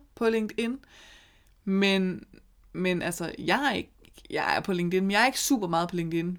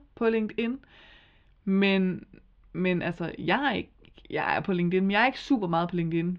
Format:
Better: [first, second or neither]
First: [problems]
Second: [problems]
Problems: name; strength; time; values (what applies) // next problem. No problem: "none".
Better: first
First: none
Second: muffled; slightly; fading above 3 kHz